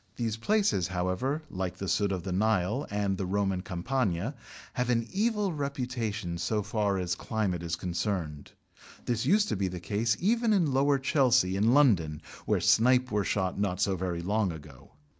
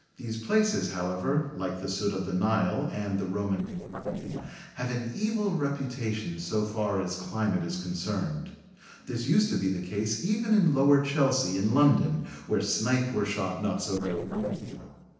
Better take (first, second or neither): first